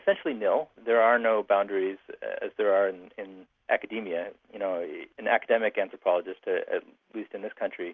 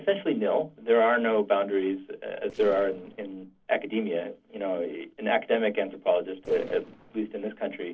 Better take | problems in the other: first | noise reduction (neural separator model SepFormer DNS4)

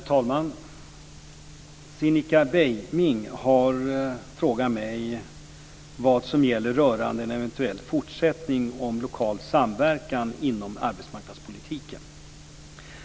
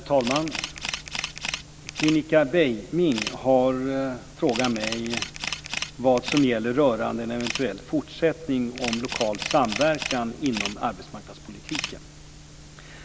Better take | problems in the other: first | background sound (Camera); 9 dB below the speech

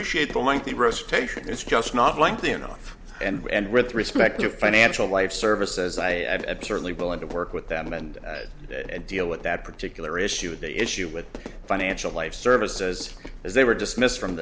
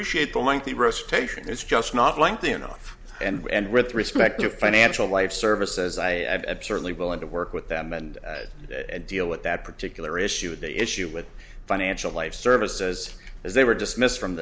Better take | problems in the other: second | background sound (Fire / Fireworks); 18 dB below the speech

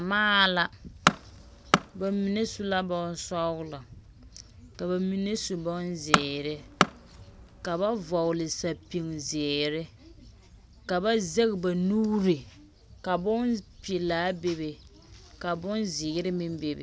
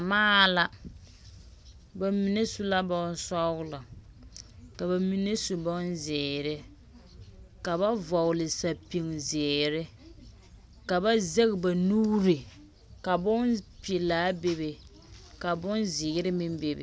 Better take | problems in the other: second | background sound (Tools); 1 dB below the speech

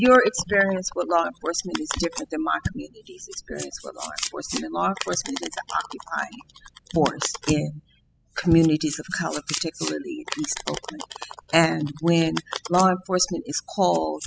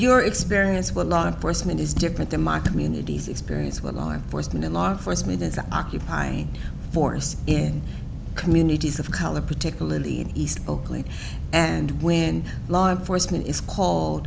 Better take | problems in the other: second | noise reduction (classical method spectral subtraction)

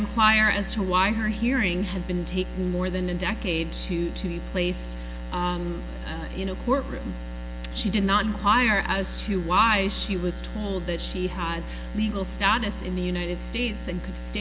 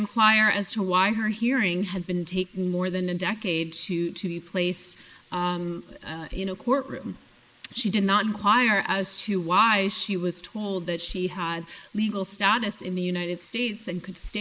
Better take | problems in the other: first | noise reduction (neural mask model Resemble Enhance denoiser)

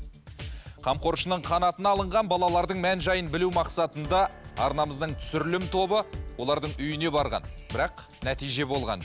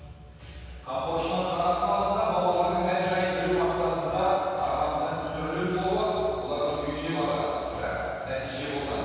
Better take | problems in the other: first | room echo; dies away in 2.2 s

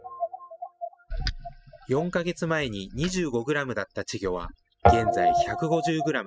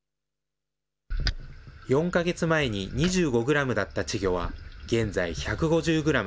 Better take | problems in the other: second | noise reduction (classical method spectral subtraction)

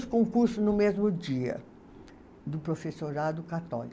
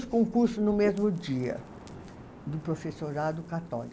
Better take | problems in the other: first | background sound (Ocean); 18 dB below the speech

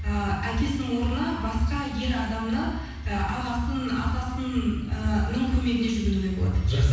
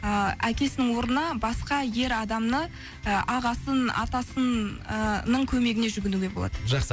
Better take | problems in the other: second | room echo; dies away in 1.1 s

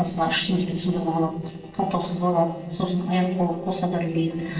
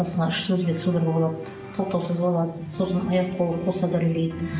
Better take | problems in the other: second | noise reduction (neural separator model SepFormer DNS4)

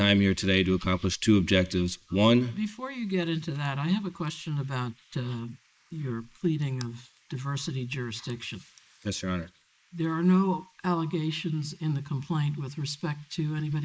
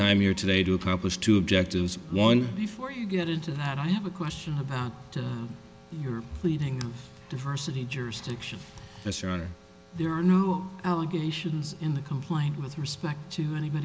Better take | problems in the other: second | noise reduction (neural mask model Resemble Enhance denoiser)

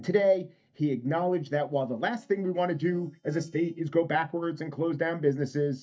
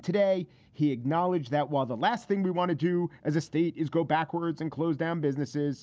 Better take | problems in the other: second | noise reduction (neural mask model DeepFilterNet 3)

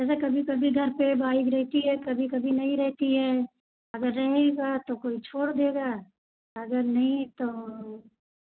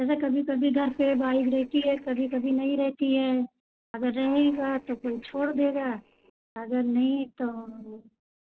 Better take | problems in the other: first | noise reduction (neural separator model SepFormer DNS4)

